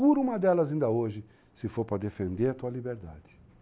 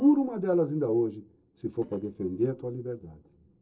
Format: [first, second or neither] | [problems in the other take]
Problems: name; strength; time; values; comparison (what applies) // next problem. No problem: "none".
first | noise reduction (neural separator model SepFormer DNS4)